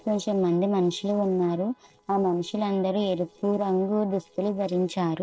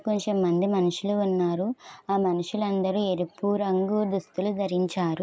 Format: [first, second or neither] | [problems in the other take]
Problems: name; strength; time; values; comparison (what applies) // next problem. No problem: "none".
second | noise reduction (neural separator model SepFormer DNS4)